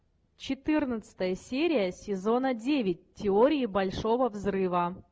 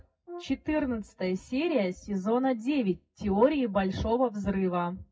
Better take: first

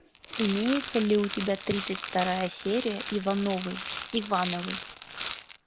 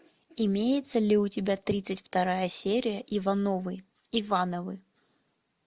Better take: second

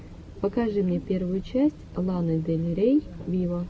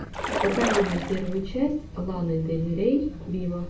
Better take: first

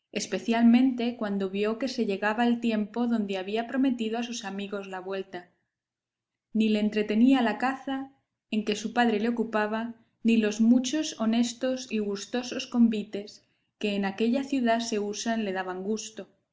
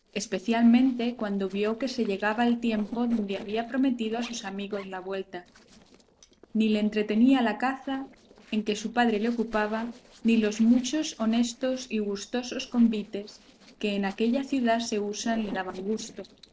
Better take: first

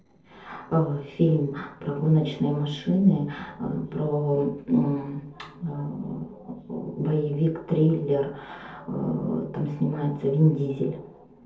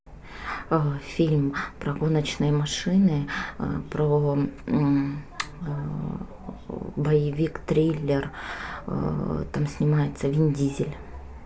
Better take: second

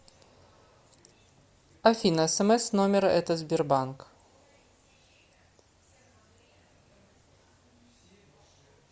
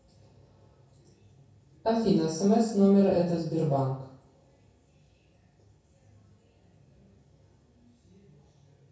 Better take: first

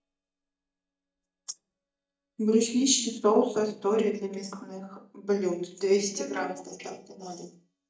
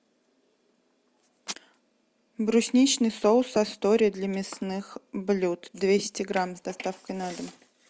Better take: second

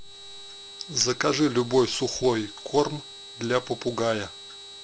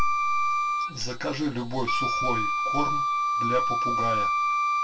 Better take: first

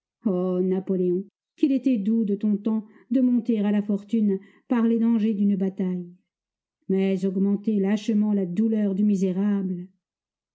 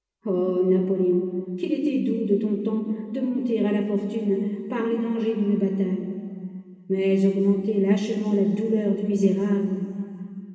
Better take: first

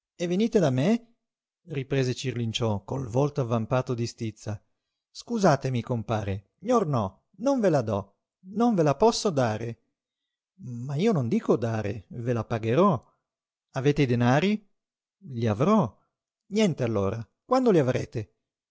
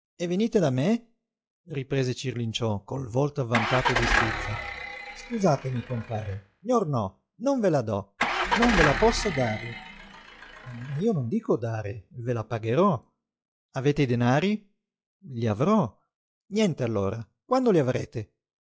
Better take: first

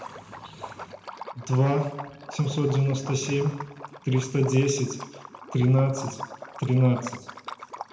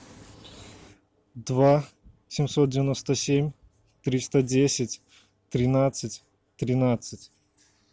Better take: second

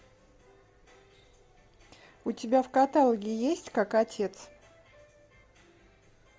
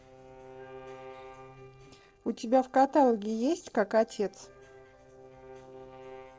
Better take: first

